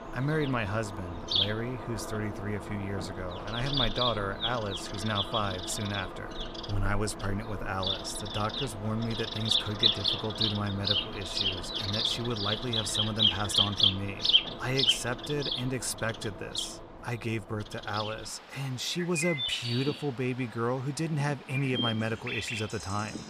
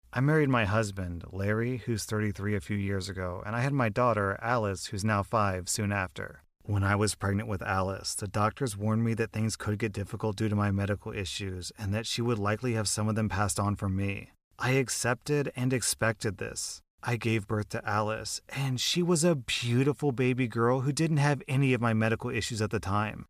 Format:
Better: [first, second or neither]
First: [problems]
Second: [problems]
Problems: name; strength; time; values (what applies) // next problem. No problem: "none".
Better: second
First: animal sounds; very loud; throughout; 3 dB above the speech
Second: none